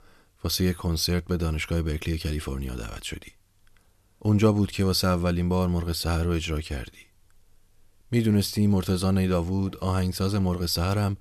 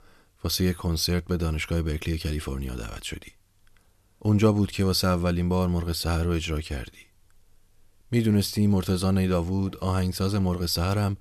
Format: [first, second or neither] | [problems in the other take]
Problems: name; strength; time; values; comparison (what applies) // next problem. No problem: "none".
neither | none